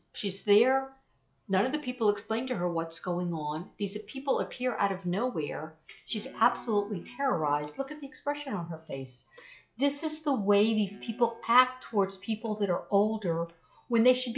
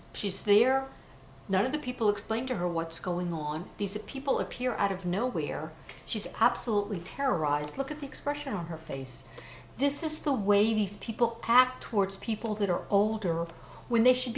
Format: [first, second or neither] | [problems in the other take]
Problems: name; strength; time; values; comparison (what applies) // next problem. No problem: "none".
second | noise reduction (classical method log-MMSE)